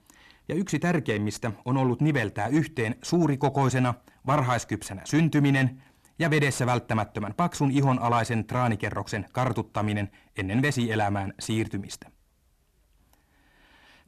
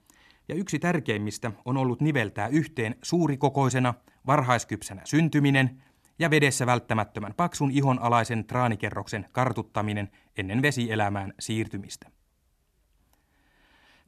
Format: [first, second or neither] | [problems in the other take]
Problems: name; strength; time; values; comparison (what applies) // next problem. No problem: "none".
second | distortion; slight; 10 dB below the speech